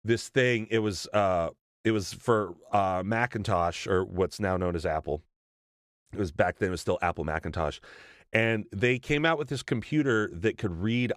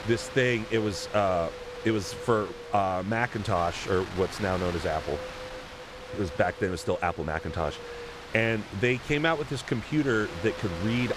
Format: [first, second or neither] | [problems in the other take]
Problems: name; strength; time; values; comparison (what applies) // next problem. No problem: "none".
first | wind noise on the microphone; occasional gusts; 10 dB below the speech